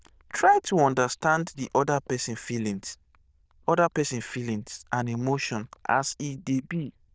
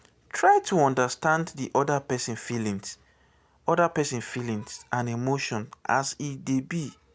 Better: second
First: noise reduction (neural diffusion model UNIVERSE++)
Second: none

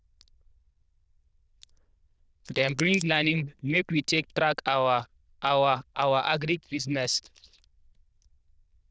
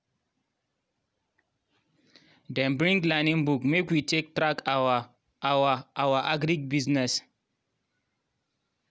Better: second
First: noise reduction (neural diffusion model UNIVERSE++)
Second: none

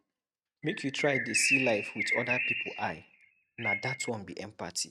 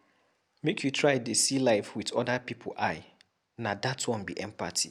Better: second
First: noise reduction (neural mask model RNNoise)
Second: none

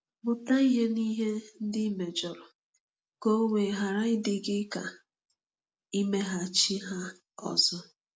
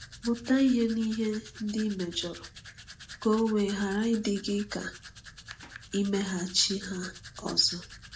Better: first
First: none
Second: background sound (Domestic sounds, home sounds); 16 dB below the speech

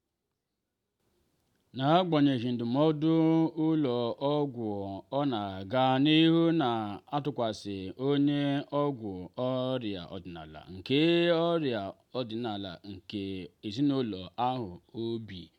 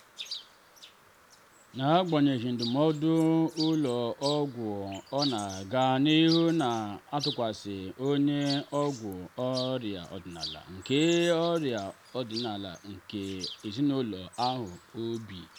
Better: first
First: none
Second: background sound (Chirp, tweet); 14 dB below the speech

